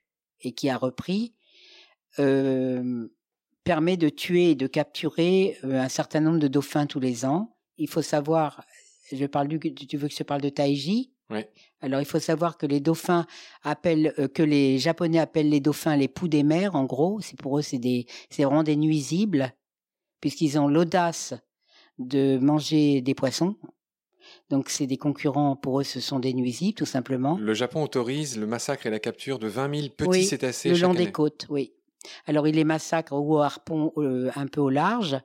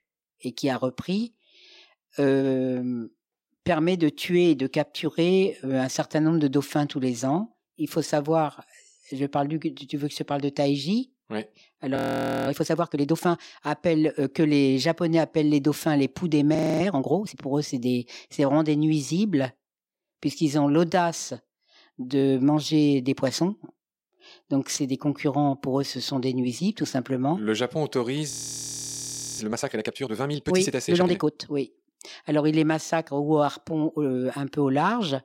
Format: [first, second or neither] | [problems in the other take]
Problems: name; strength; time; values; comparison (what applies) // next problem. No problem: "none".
first | audio freezing; at 12 s for 0.5 s, at 17 s and at 28 s for 1 s